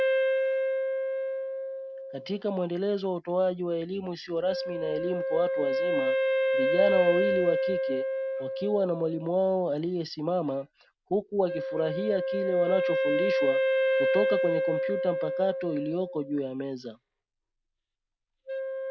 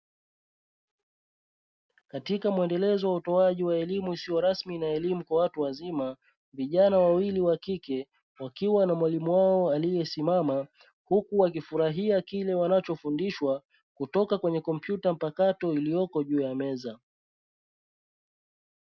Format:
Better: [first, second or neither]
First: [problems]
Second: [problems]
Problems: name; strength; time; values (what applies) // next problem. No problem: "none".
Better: second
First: background sound (Wind instrument, woodwind instrument); 1 dB above the speech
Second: none